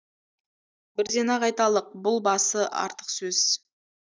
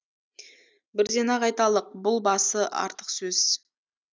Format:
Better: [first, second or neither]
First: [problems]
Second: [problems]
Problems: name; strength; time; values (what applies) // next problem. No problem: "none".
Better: second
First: noise reduction (neural mask model DeepFilterNet 3)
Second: none